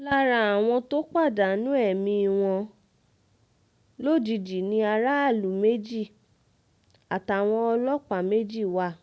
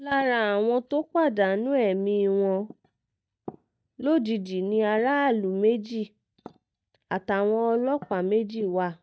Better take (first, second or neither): first